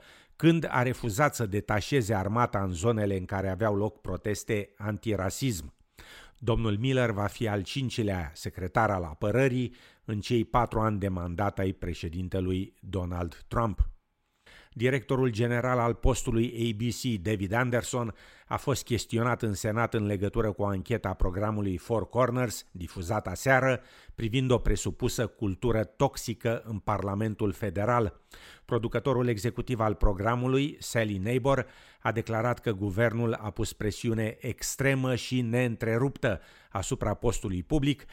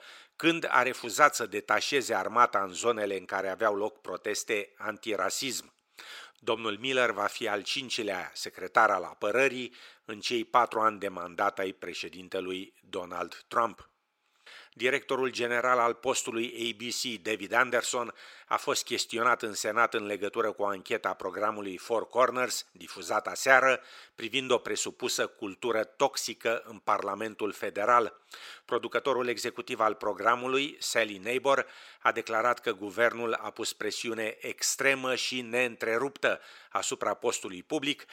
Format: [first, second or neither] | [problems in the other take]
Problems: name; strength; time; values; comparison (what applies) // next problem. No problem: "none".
first | thin; very; fading below 450 Hz